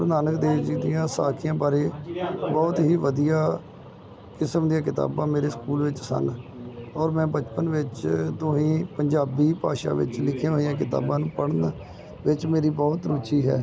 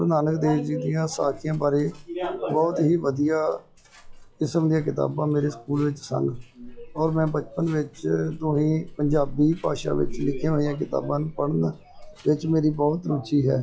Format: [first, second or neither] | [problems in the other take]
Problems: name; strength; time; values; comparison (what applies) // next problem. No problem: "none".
first | noise reduction (classical method log-MMSE)